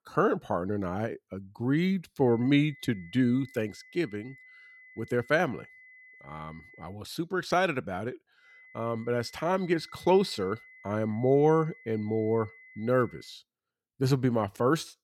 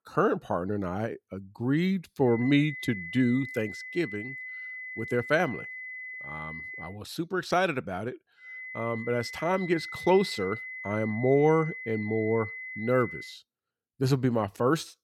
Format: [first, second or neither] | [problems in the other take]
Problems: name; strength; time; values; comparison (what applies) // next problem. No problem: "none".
first | high-pitched whine; loud; from 2.5 to 7 s and from 8.5 to 13 s; 2 kHz, 10 dB below the speech; faint in the first